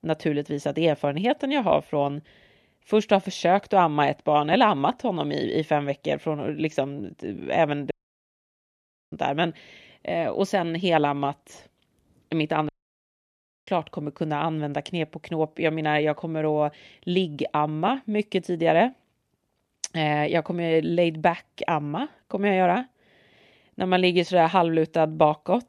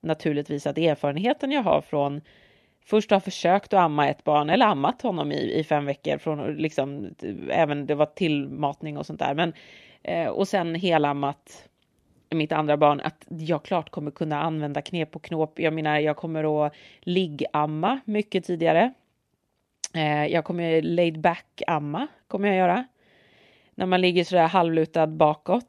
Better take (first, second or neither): second